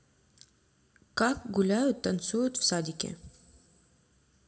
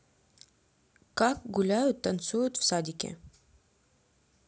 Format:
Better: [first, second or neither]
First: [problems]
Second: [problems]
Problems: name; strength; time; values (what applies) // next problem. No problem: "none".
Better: second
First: room echo; dies away in 0.7 s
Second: none